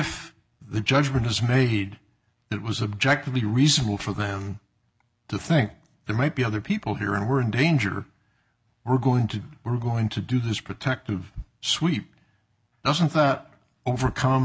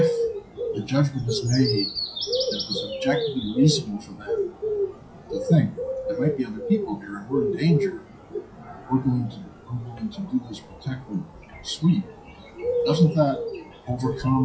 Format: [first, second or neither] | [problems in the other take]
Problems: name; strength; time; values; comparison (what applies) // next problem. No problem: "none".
first | noise reduction (classical method WPE with log-MMSE)